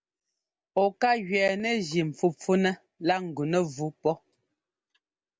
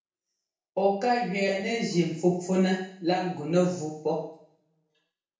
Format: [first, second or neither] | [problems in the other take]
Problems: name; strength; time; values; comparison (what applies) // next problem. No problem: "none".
first | room echo; dies away in 0.7 s